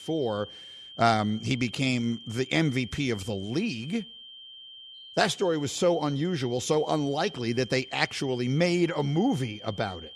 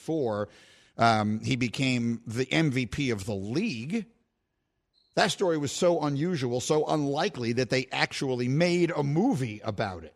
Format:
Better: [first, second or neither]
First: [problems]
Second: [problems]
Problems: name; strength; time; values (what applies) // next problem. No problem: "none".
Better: second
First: high-pitched whine; noticeable; throughout; 3 kHz, 15 dB below the speech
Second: none